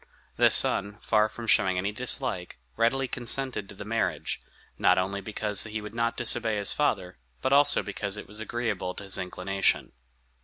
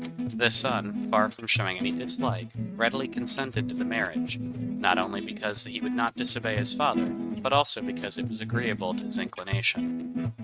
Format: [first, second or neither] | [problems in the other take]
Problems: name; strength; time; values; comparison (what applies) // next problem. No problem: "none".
first | noise reduction (neural mask model RNNoise)